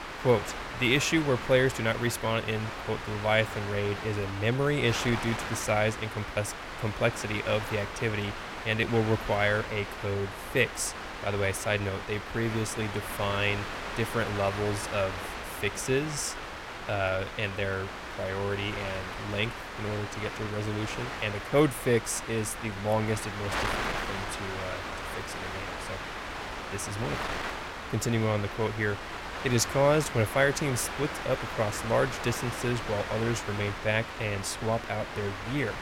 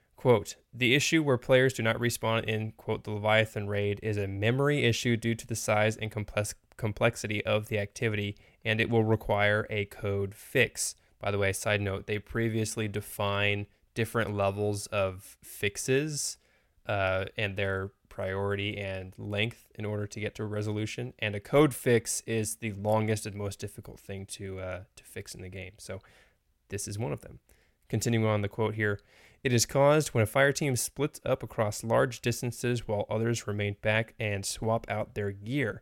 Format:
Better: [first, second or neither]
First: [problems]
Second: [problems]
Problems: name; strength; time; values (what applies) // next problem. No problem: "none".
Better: second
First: wind noise on the microphone; heavy; 5 dB below the speech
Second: none